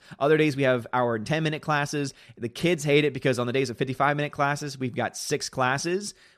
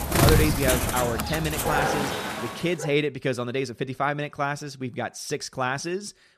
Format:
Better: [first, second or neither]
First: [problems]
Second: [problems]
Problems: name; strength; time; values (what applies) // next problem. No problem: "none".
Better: first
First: none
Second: animal sounds; very loud; until 2.5 s; 3 dB above the speech